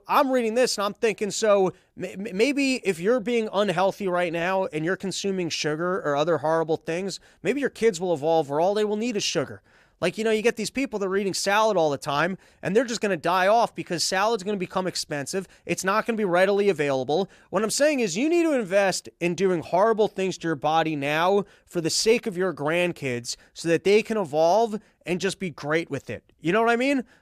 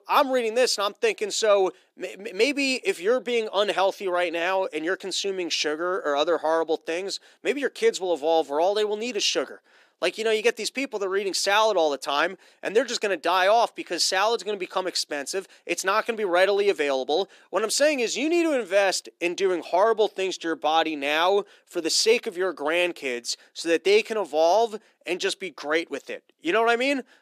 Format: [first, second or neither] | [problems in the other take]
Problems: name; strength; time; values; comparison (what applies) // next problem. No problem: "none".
first | thin; very slightly; fading below 300 Hz